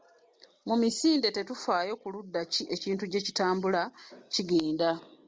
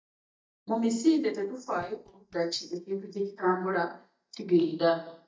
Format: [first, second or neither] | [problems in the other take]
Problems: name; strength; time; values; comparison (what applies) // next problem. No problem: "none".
first | noise reduction (neural mask model DeepFilterNet 3)